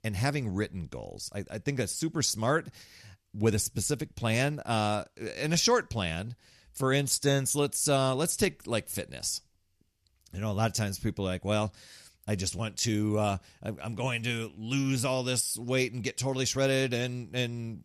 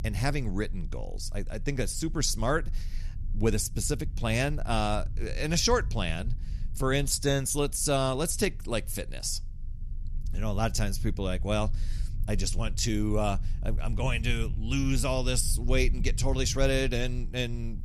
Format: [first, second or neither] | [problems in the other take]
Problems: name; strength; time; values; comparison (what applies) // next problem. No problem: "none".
first | low rumble; faint; throughout; 25 dB below the speech